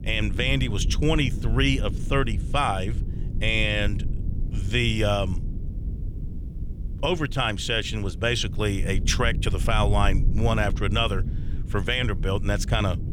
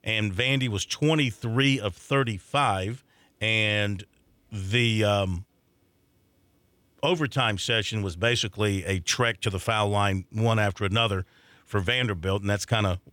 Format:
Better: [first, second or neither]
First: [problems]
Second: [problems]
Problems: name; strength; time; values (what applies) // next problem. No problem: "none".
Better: second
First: low rumble; noticeable; throughout; 15 dB below the speech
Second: none